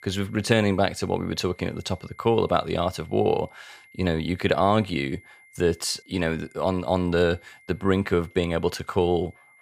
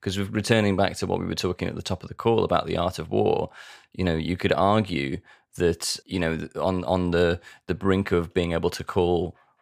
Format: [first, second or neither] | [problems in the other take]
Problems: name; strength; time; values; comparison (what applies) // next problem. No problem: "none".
second | high-pitched whine; faint; throughout; 2 kHz, 25 dB below the speech